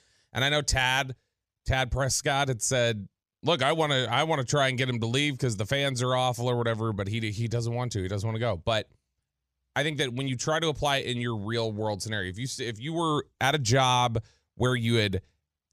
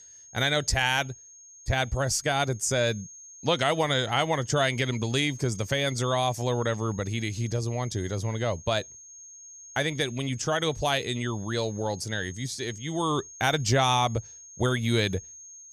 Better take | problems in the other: first | high-pitched whine; noticeable; throughout; 6.5 kHz, 15 dB below the speech

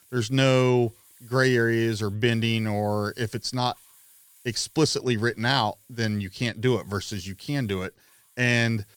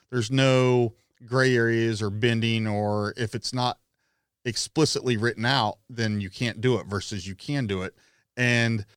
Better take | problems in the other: second | hiss; faint; throughout; 30 dB below the speech

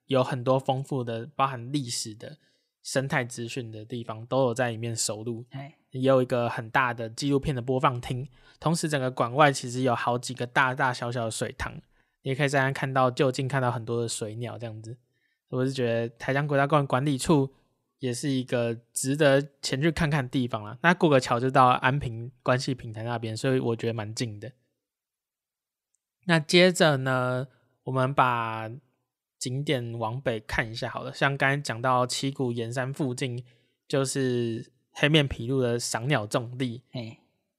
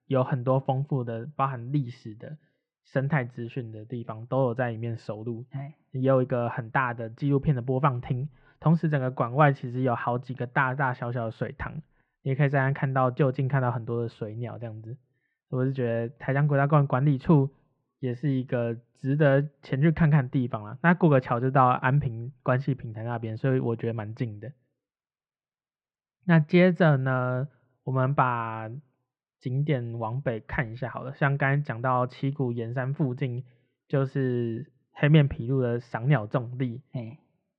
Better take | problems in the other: first | muffled; very; fading above 2 kHz

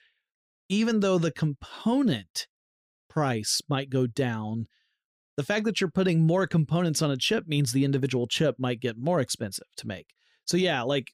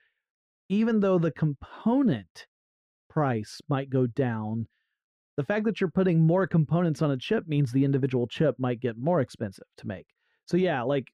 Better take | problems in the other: first | muffled; very; fading above 3 kHz

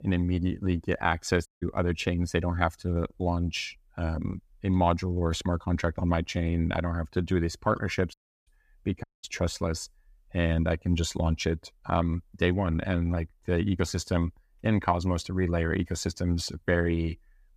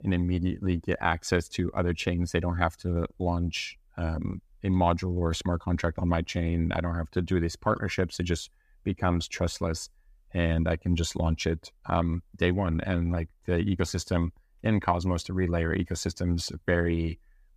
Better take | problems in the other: second | audio cutting out; at 1.5 s, at 8 s and at 9 s

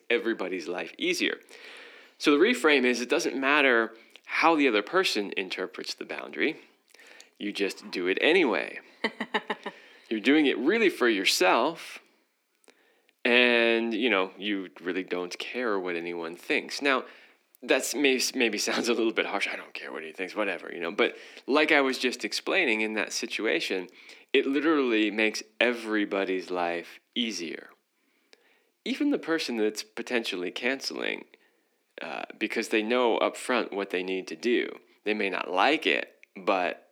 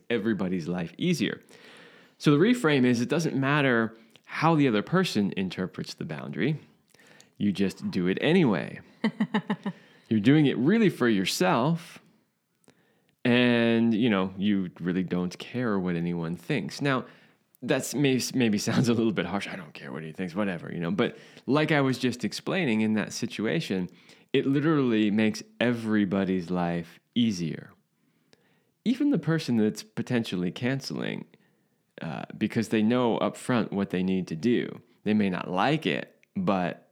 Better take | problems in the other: second | thin; somewhat; fading below 300 Hz

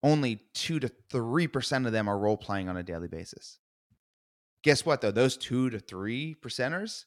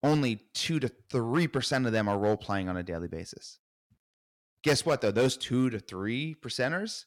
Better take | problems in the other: first | distortion; slight; 3% of the sound clipped

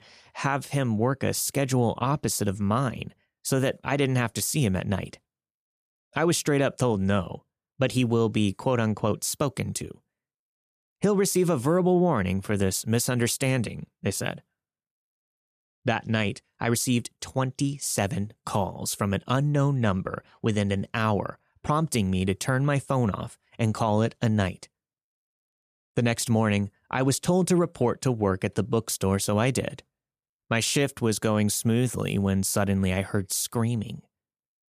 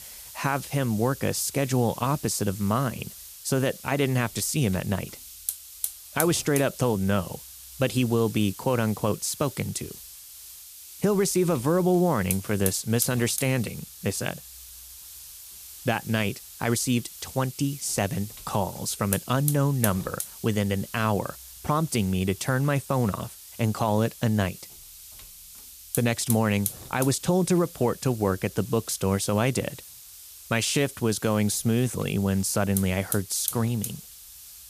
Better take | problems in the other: first | hiss; noticeable; throughout; 10 dB below the speech

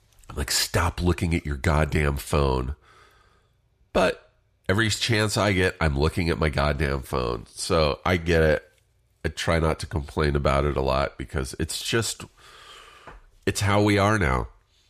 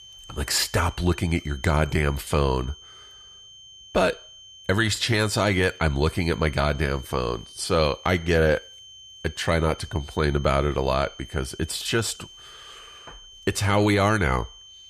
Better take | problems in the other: first | high-pitched whine; noticeable; throughout; 3 kHz, 20 dB below the speech

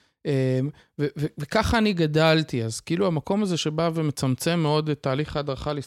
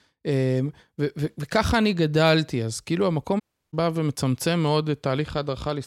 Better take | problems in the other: first | audio cutting out; at 3.5 s

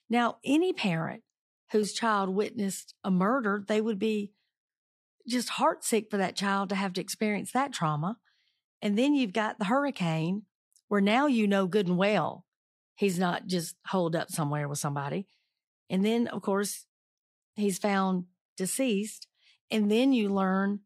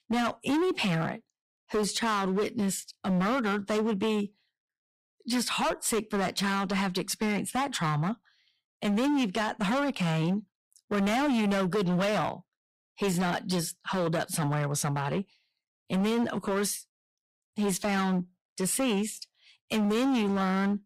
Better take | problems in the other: first | distortion; heavy; 18% of the sound clipped

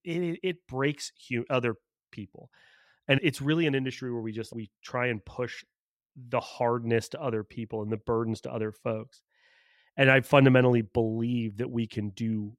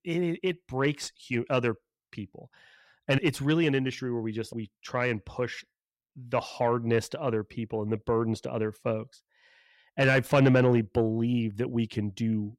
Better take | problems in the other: first | distortion; slight; 10 dB below the speech

